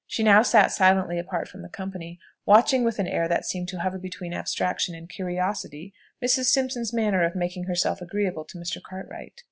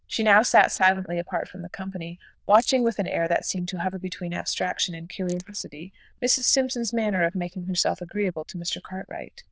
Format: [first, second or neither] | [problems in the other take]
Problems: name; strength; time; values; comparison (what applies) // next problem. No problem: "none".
first | noise reduction (neural diffusion model UNIVERSE++)